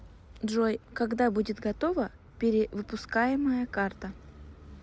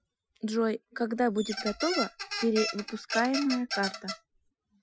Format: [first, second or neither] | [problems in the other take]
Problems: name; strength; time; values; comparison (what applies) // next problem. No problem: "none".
first | noise reduction (classical method Wiener filter)